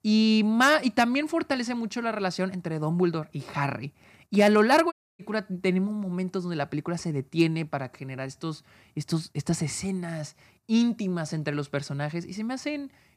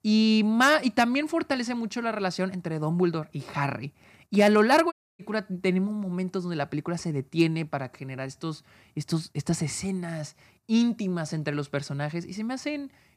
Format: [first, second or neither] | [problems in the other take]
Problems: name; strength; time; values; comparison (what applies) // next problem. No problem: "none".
neither | audio cutting out; at 5 s; the same in both